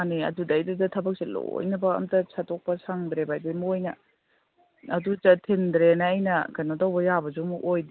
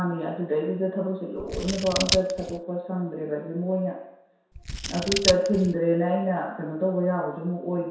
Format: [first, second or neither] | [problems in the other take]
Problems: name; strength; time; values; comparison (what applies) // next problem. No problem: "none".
first | background sound (Scissors); 4 dB below the speech // room echo; dies away in 0.7 s